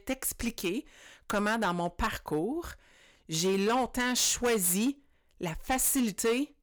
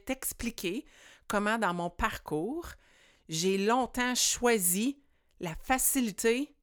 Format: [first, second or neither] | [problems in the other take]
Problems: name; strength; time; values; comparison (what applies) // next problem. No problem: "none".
second | distortion; slight; 7% of the sound clipped